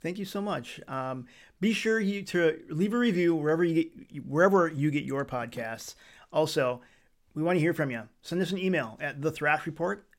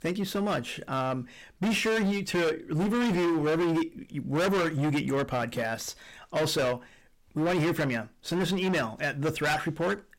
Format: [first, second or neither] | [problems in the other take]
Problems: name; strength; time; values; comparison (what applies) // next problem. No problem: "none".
first | distortion; heavy; 21% of the sound clipped